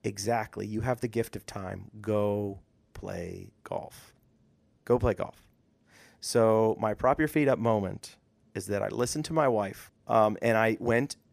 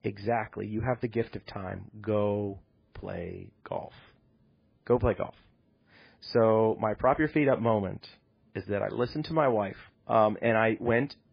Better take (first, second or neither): first